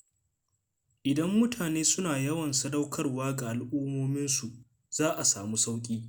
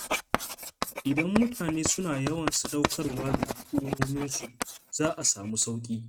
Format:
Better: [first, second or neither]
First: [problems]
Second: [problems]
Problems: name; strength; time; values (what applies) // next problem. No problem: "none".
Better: first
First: none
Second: noise reduction (neural mask model RNNoise)